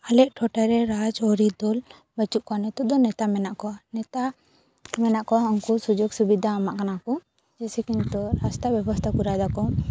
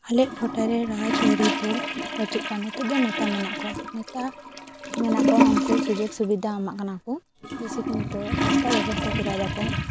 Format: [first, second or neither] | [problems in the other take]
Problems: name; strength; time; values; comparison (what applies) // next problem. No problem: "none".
first | background sound (Toilet flush / Gurgling); as loud as the speech